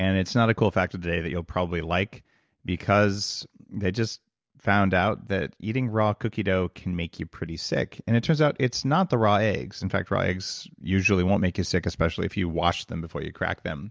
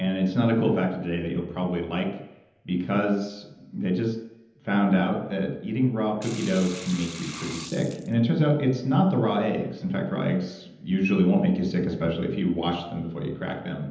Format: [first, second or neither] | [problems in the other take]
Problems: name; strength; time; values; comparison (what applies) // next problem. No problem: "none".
first | background sound (Sink (filling or washing) / Water); 14 dB below the speech // room echo; dies away in 0.9 s